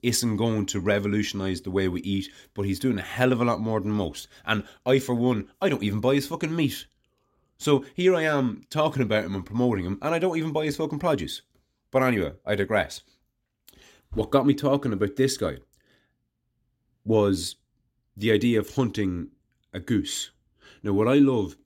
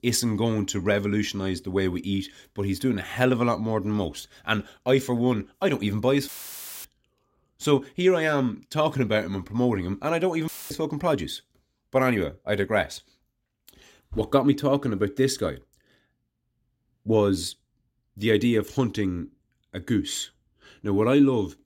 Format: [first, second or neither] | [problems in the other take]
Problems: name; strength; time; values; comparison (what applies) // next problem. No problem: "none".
first | audio cutting out; filled with static; at 6.5 s for 0.5 s and at 10 s